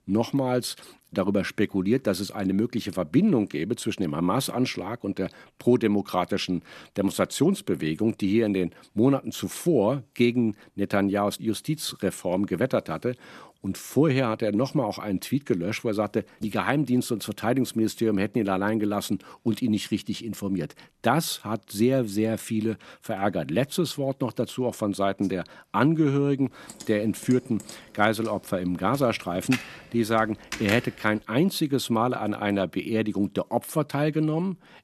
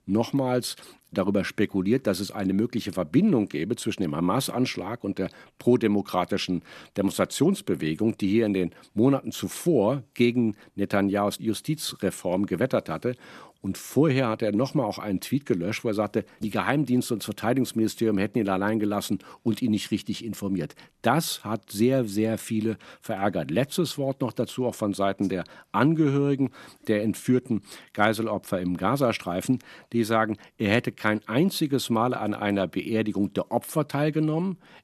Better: second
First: keyboard typing; noticeable; from 27 to 31 s; peak 7 dB below the speech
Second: none

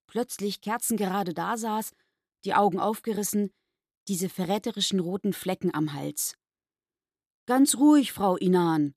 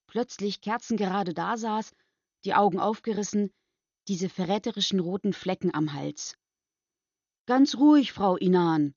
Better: first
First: none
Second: garbled, watery; slightly; nothing above 6.5 kHz

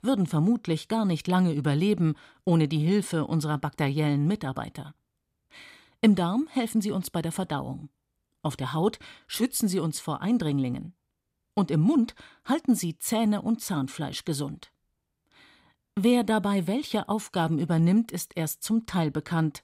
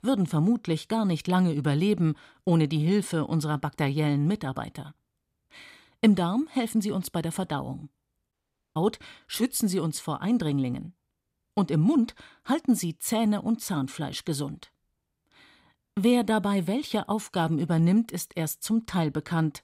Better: first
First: none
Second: audio cutting out; at 8.5 s

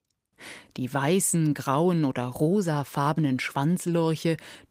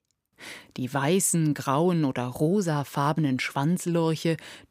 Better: second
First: garbled, watery; slightly; nothing above 15.5 kHz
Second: none

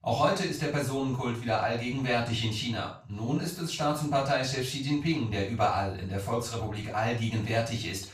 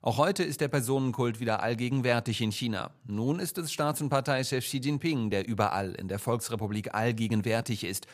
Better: second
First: room echo; noticeable; dies away in 0.3 s // off-mic speech; far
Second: none

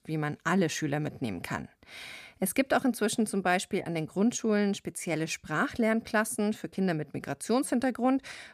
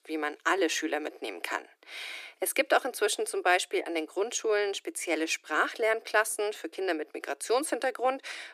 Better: first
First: none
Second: thin; very; fading below 300 Hz

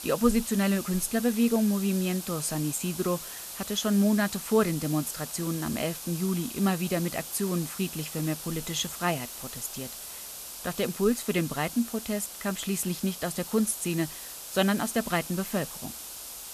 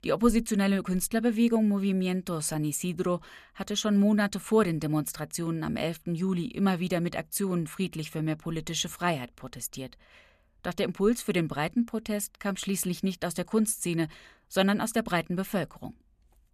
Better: second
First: hiss; loud; throughout; 9 dB below the speech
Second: none

